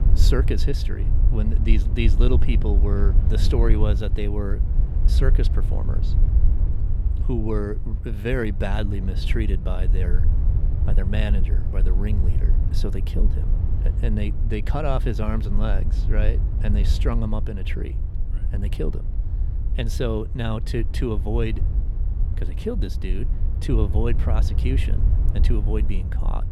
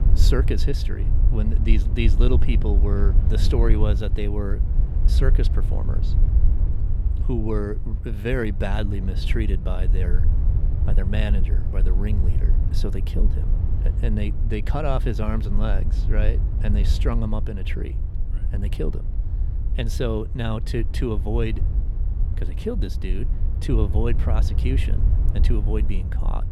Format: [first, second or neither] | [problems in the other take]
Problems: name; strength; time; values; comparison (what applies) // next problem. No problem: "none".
neither | wind noise on the microphone; heavy; 9 dB below the speech; the same in both